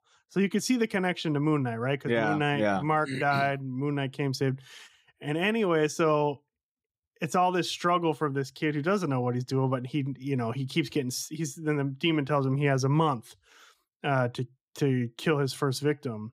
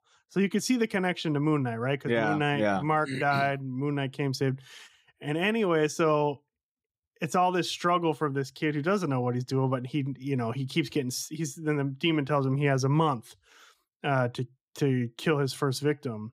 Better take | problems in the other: neither | none

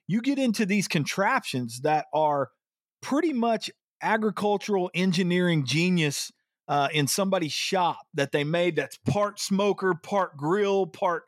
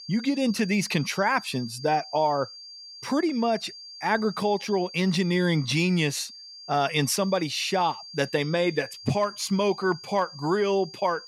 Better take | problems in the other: first | high-pitched whine; noticeable; throughout; 4.5 kHz, 15 dB below the speech

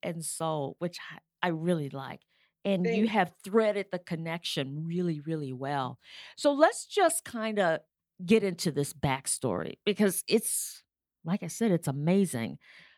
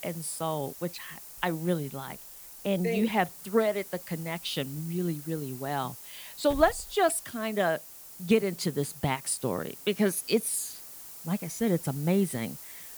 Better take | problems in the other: first | hiss; noticeable; throughout; 10 dB below the speech

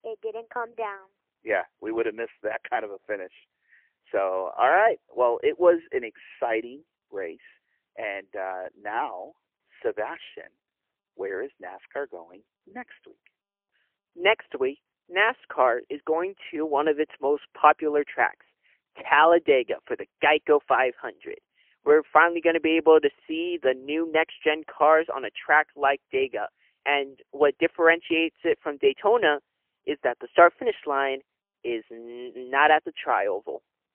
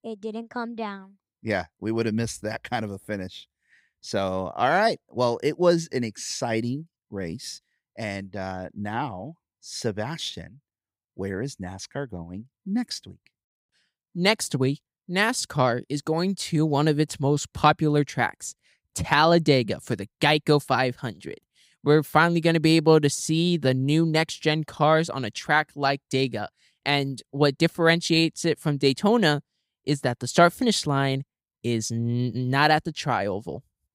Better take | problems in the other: second | phone-call audio; poor line; nothing above 3 kHz

